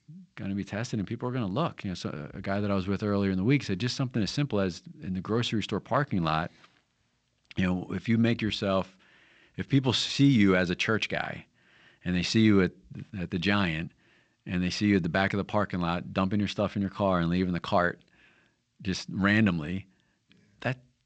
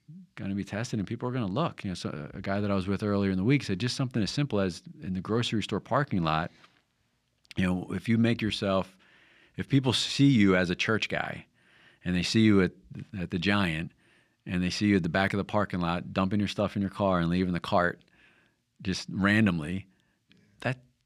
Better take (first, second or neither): second